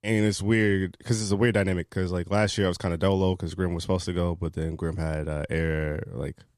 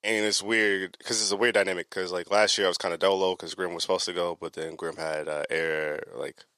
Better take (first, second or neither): first